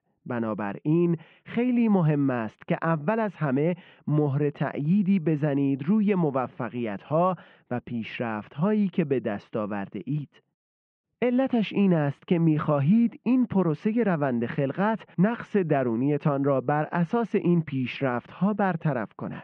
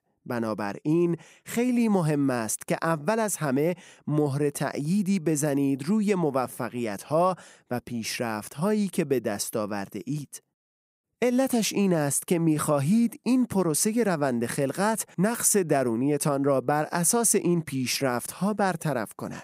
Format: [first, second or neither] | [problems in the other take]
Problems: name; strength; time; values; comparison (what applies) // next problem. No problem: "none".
second | muffled; very; fading above 3 kHz